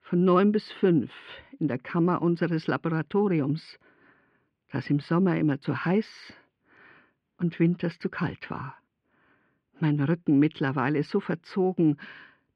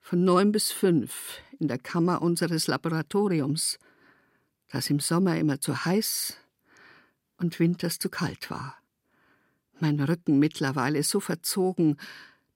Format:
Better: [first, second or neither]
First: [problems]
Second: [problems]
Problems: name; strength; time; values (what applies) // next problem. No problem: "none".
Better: second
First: muffled; very; fading above 3 kHz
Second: none